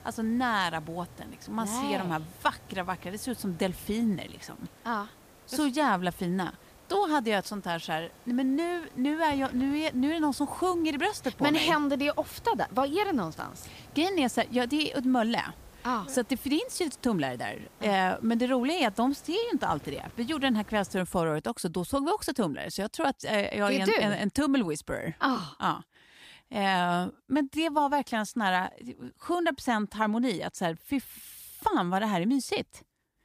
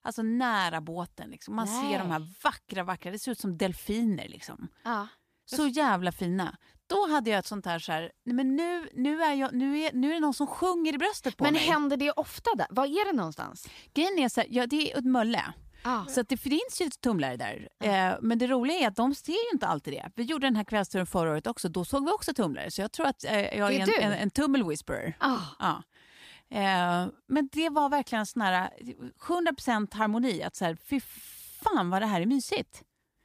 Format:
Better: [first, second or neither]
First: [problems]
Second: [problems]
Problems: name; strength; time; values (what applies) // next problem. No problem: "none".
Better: second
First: hiss; faint; until 21 s; 25 dB below the speech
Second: none